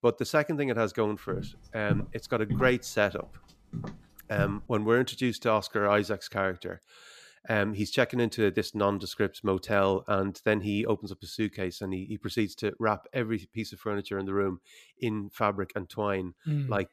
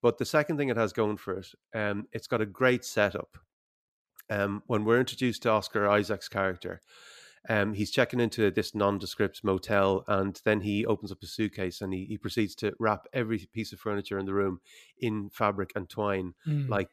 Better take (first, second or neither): second